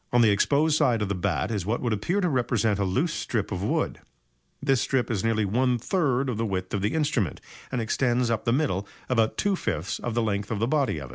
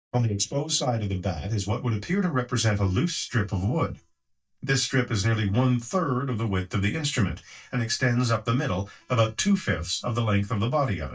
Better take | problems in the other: first | noise reduction (neural mask model DeepFilterNet 3)

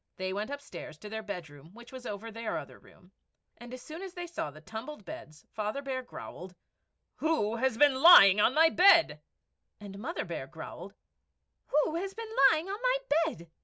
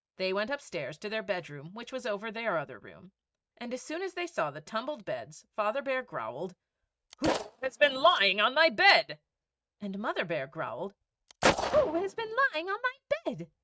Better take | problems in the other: first | noise reduction (neural mask model RNNoise)

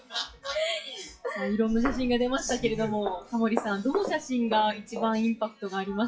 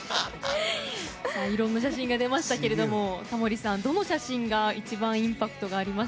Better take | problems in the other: second | noise reduction (classical method WPE with log-MMSE)

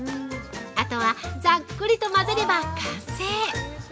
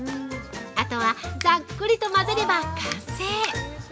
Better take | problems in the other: first | background sound (Finger snapping); 12 dB below the speech

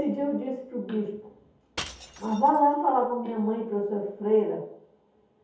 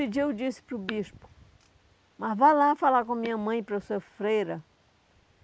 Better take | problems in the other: second | background sound (Shatter / Crushing); 17 dB below the speech // room echo; dies away in 0.7 s

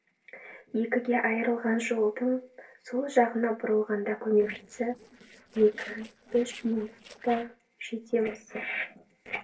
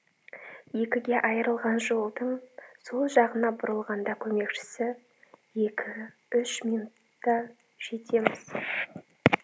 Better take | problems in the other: second | noise reduction (neural separator model SepFormer DNS4)

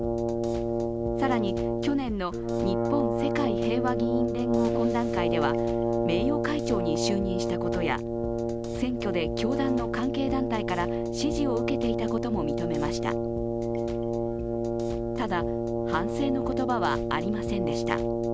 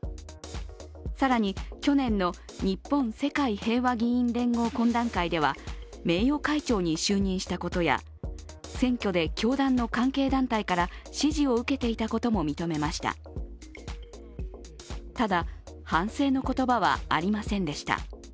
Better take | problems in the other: second | background sound (Brass instrument); 3 dB above the speech

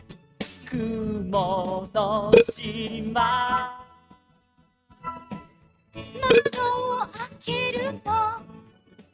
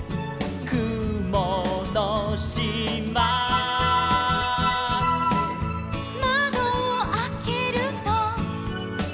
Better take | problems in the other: second | noise reduction (neural mask model RNNoise)

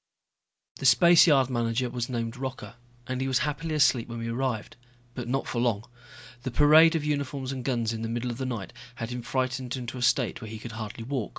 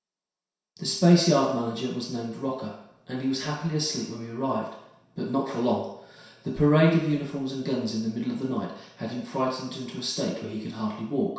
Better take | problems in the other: first | room echo; dies away in 0.7 s

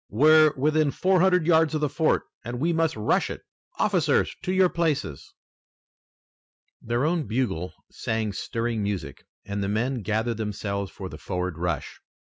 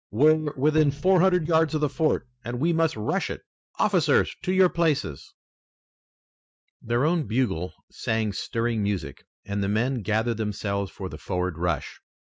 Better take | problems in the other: first | noise reduction (neural mask model DeepFilterNet 3)

